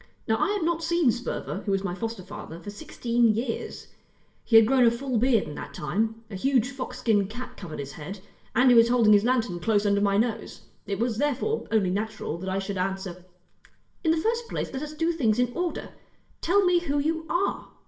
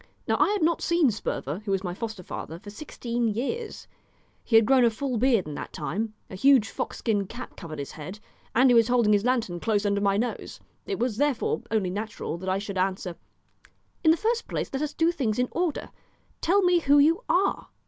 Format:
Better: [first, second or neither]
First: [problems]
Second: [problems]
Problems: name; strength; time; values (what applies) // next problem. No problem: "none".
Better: second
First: room echo; dies away in 0.5 s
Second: none